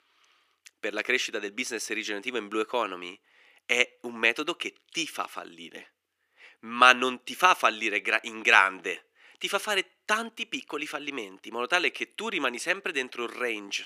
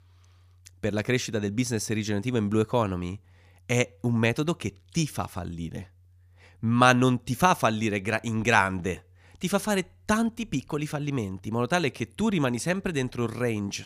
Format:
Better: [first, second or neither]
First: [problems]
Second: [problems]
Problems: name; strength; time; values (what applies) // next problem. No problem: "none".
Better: second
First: thin; very; fading below 300 Hz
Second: none